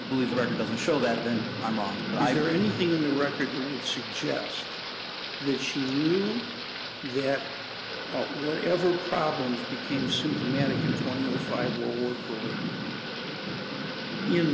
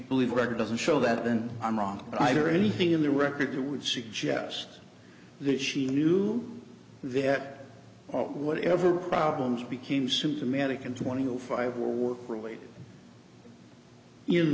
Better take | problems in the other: second | background sound (Thunder / Rain); 4 dB below the speech

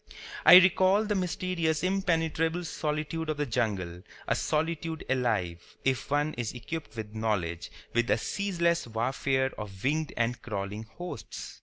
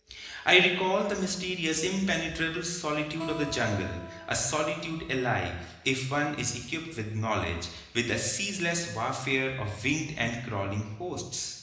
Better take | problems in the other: first | background sound (Acoustic guitar); 16 dB below the speech // room echo; dies away in 1 s

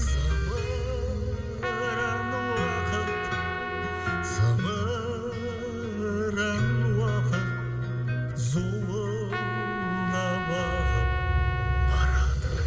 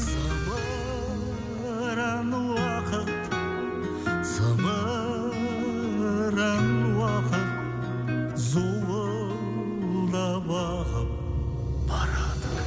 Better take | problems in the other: second | background sound (Trumpet); 7 dB below the speech // room echo; dies away in 2.1 s

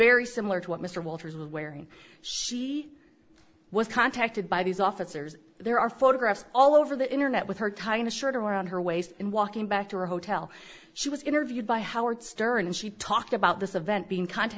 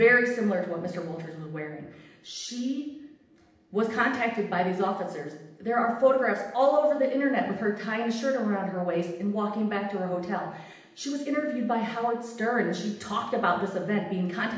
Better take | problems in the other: first | room echo; dies away in 0.8 s

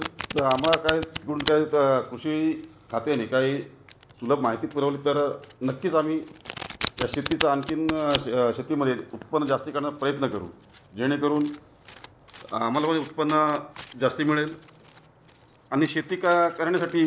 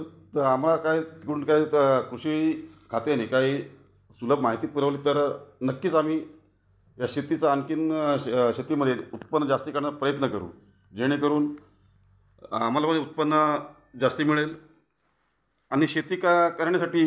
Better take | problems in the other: second | background sound (Domestic sounds, home sounds); 13 dB below the speech

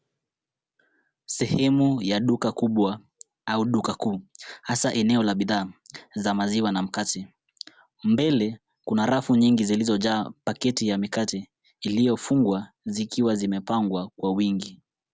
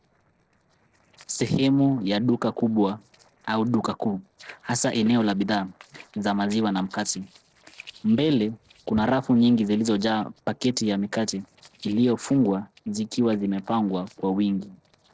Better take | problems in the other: first | noise reduction (neural separator model SepFormer DNS4)

